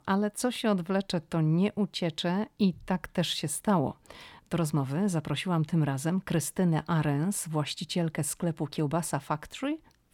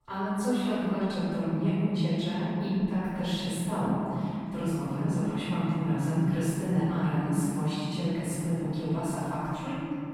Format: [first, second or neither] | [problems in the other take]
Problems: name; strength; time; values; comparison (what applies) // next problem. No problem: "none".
first | room echo; strong; dies away in 3 s // off-mic speech; far